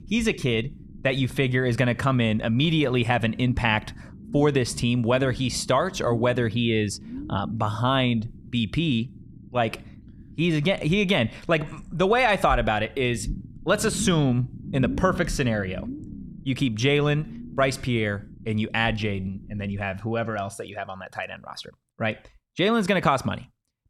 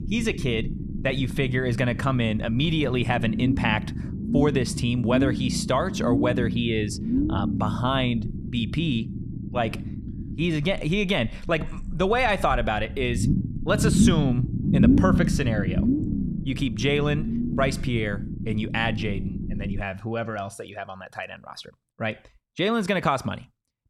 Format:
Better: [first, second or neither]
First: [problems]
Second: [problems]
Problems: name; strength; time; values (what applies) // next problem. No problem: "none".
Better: first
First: low rumble; faint; until 20 s; 20 dB below the speech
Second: low rumble; loud; until 20 s; 7 dB below the speech